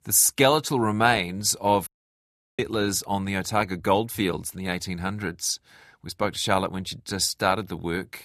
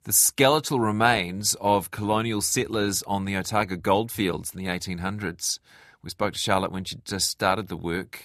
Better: second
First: audio cutting out; at 2 s for 0.5 s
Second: none

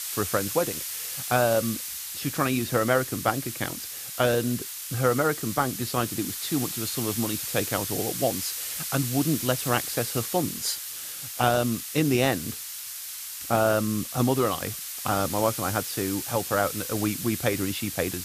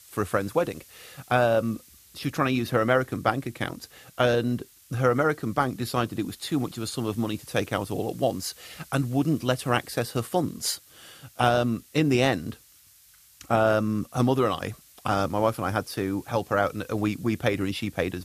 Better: second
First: hiss; loud; throughout; 5 dB below the speech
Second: hiss; faint; throughout; 25 dB below the speech

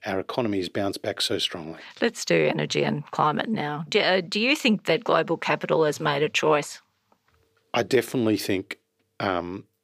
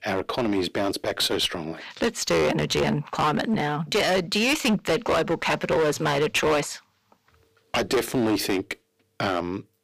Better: first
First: none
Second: distortion; heavy; 13% of the sound clipped

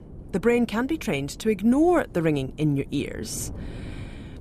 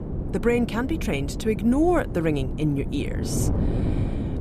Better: first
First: wind noise on the microphone; occasional gusts; 20 dB below the speech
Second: wind noise on the microphone; heavy; 9 dB below the speech

